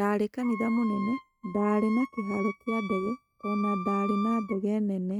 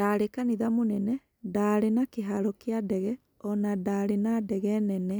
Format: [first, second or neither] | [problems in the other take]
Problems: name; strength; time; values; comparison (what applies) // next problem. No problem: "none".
second | noise reduction (neural mask model RNNoise)